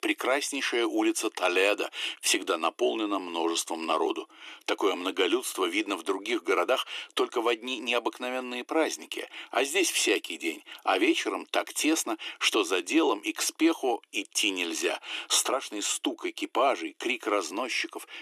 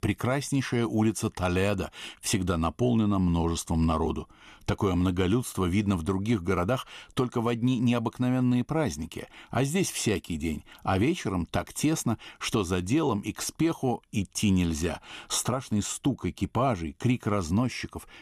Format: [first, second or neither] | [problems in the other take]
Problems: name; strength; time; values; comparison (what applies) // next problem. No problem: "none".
second | thin; very; fading below 300 Hz